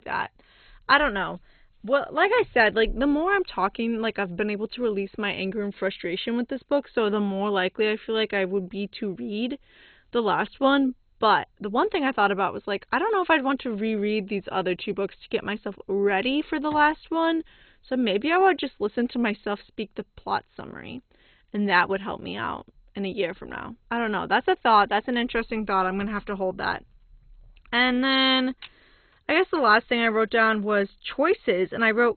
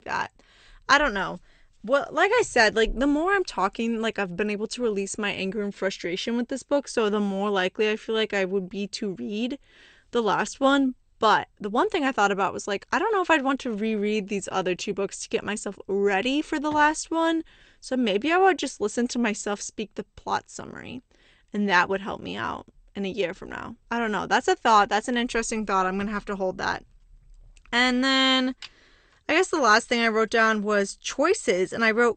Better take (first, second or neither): second